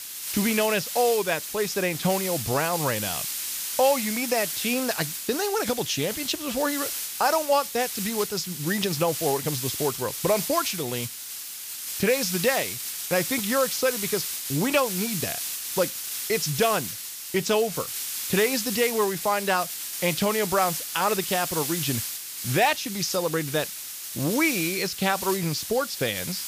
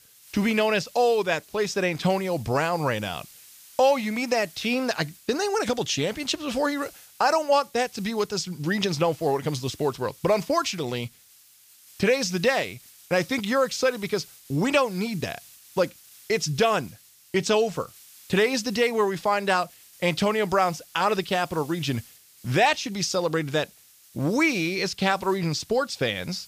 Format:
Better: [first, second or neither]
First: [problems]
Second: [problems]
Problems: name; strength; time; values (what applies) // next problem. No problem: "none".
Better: second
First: hiss; loud; throughout; 4 dB below the speech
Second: hiss; faint; throughout; 25 dB below the speech